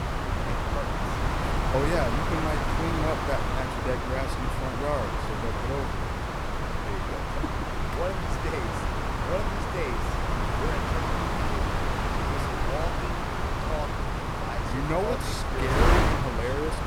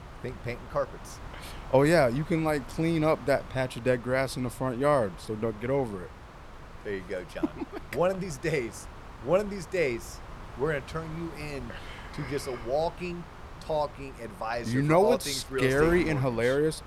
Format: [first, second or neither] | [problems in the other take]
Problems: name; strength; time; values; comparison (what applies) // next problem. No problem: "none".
second | wind noise on the microphone; heavy; 4 dB above the speech; occasional gusts in the second